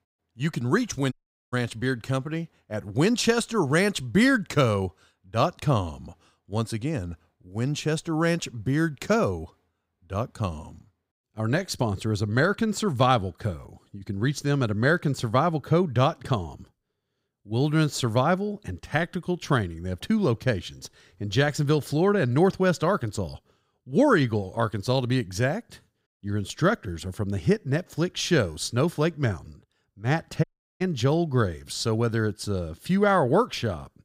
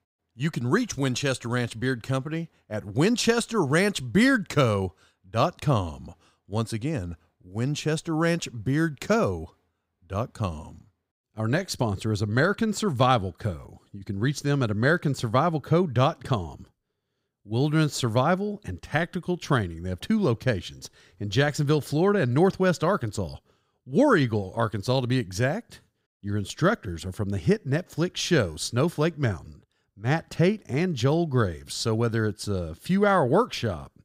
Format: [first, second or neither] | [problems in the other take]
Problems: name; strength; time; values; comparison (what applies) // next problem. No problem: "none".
second | audio cutting out; at 1 s and at 30 s